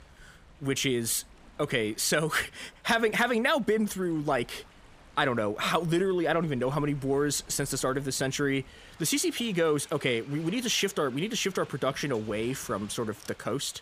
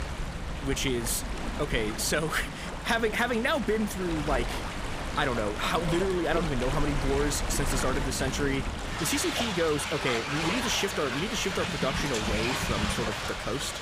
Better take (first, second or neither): first